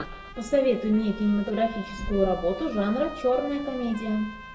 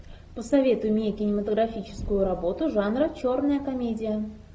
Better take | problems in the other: second | background sound (Trumpet); 16 dB below the speech // room echo; dies away in 0.4 s

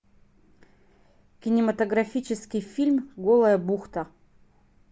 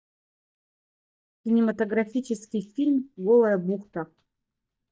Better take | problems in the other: first | noise reduction (neural mask model DeepFilterNet 3)

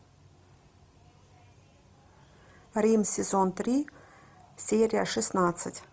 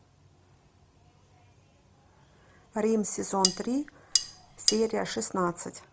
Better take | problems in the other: first | background sound (Cutlery, silverware); 2 dB above the speech

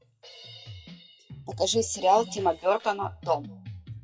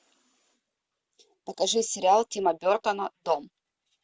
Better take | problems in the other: second | noise reduction (classical method WPE with log-MMSE)

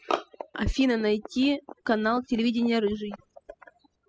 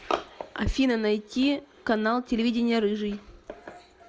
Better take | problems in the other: second | noise reduction (classical method spectral subtraction)

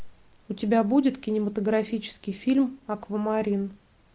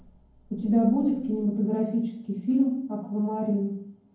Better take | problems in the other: first | room echo; dies away in 0.9 s

